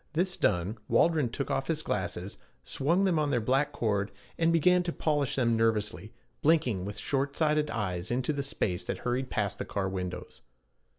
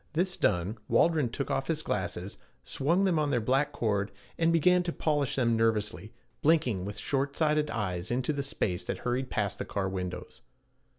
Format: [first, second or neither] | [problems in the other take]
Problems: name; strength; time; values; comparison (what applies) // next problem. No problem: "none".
second | noise reduction (neural mask model Resemble Enhance denoiser)